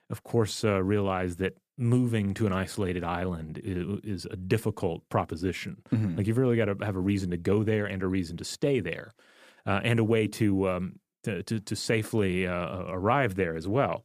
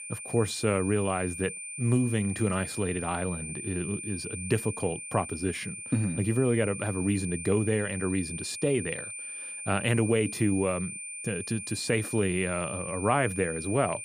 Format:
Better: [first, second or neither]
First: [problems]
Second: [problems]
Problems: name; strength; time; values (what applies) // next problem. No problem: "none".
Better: first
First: none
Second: high-pitched whine; loud; throughout; 9 kHz, 7 dB below the speech